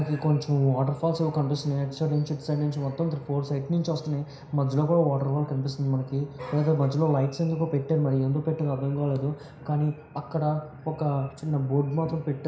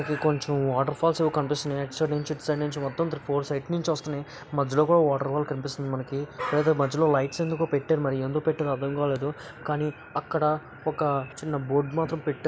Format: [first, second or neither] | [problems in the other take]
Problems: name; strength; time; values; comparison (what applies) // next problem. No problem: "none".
second | room echo; dies away in 0.5 s